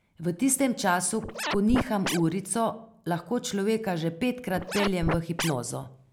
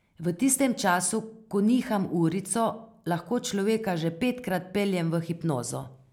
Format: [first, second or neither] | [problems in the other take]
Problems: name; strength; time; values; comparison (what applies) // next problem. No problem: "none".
second | background sound (Scratching (performance technique)); 5 dB below the speech